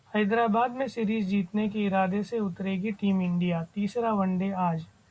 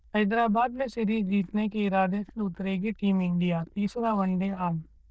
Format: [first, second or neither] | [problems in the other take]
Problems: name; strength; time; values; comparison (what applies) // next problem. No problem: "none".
first | noise reduction (neural diffusion model UNIVERSE++)